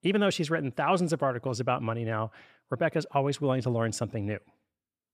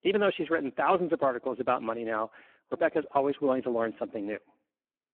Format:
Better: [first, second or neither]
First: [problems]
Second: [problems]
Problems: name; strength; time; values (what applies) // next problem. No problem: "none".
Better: first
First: none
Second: phone-call audio; poor line